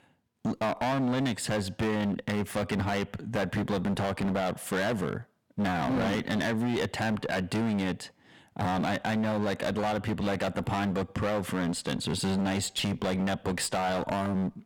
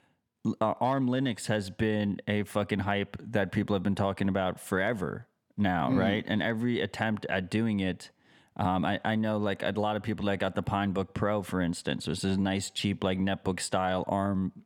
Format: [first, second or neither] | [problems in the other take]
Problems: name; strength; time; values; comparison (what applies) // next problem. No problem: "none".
second | distortion; heavy; 24% of the sound clipped